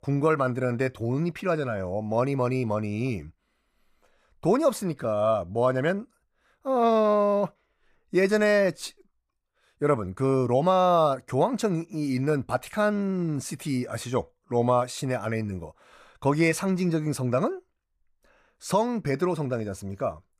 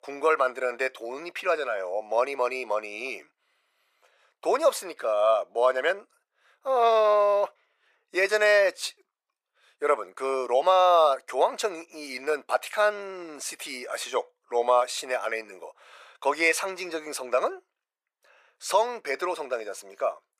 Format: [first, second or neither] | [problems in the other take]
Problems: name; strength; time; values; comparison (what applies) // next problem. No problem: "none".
first | thin; very; fading below 450 Hz